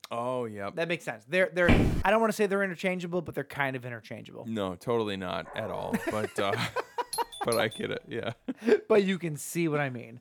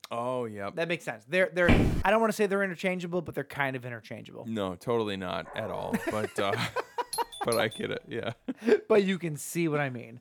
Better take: neither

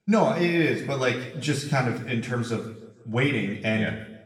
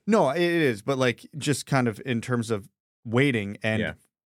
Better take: second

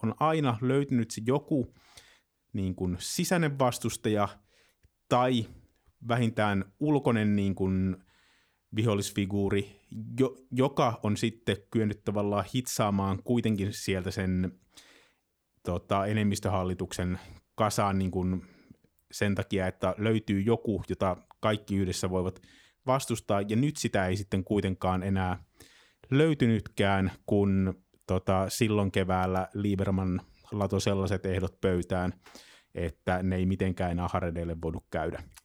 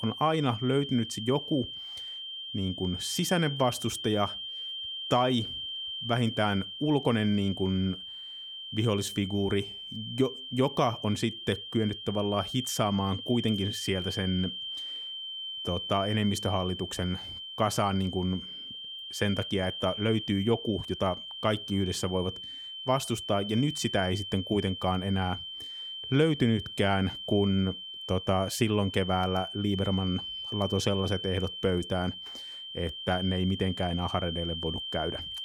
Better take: first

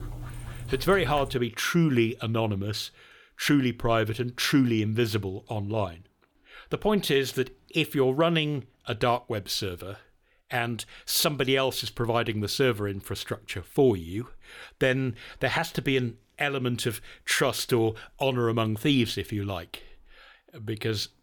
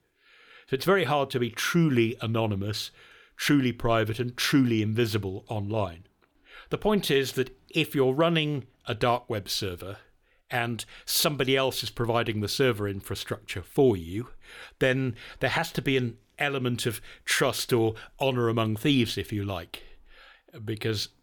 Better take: second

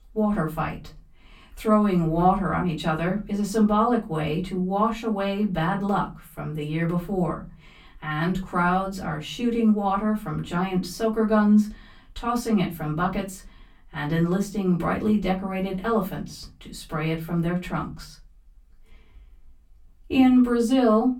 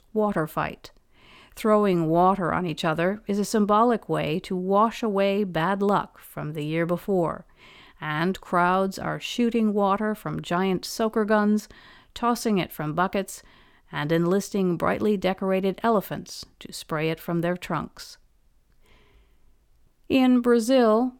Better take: second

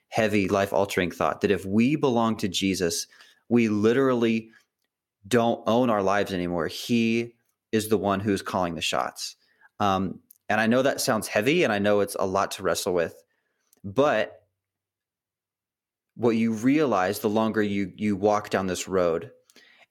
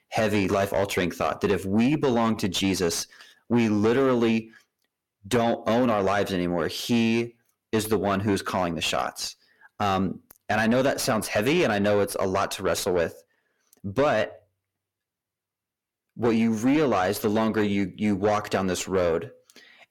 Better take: first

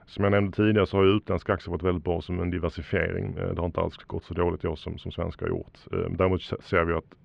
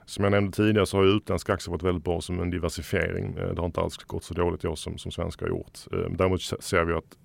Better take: second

